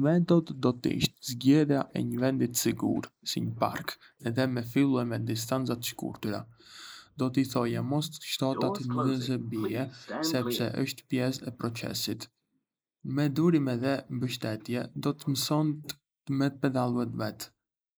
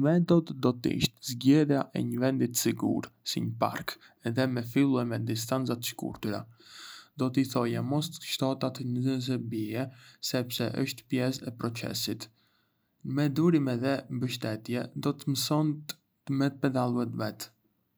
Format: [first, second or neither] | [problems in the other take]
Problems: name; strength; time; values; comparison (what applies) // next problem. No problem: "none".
second | noise reduction (neural mask model Resemble Enhance denoiser)